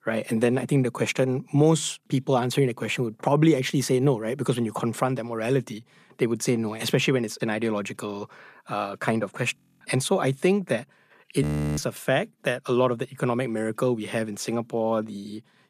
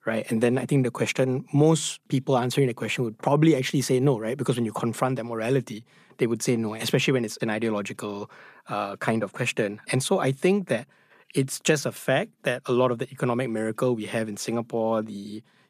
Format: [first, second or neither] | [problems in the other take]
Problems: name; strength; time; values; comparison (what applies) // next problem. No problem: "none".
second | audio freezing; at 9.5 s and at 11 s